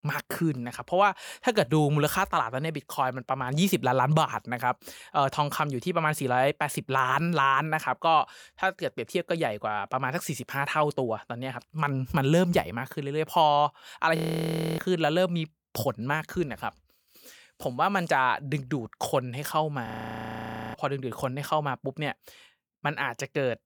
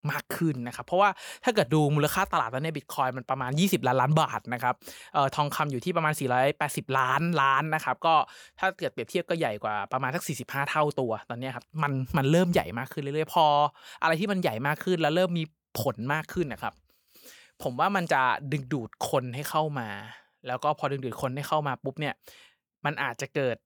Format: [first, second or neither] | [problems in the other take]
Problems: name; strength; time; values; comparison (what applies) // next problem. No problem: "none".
second | audio freezing; at 14 s for 0.5 s and at 20 s for 1 s